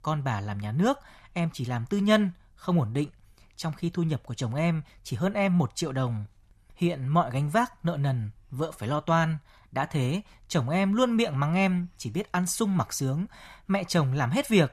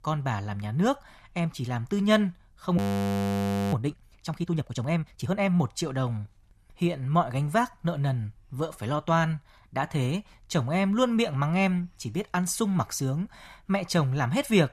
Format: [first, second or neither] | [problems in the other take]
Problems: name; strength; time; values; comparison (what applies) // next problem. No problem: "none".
first | audio freezing; at 3 s for 1 s